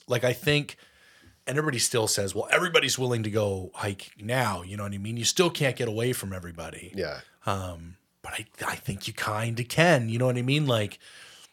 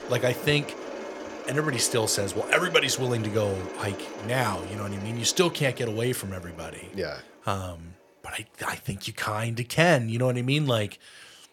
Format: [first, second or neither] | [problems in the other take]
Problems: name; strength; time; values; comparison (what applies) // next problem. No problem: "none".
first | machinery noise; noticeable; throughout; 10 dB below the speech